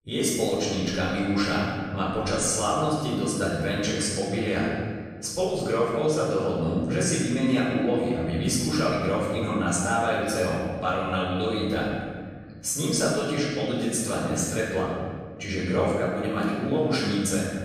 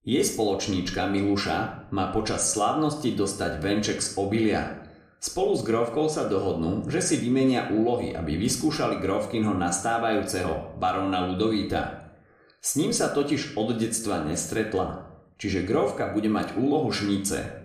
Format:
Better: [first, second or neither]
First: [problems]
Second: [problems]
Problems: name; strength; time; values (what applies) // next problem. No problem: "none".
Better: second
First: room echo; strong; dies away in 1.7 s // off-mic speech; far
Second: room echo; slight; dies away in 0.6 s // off-mic speech; somewhat distant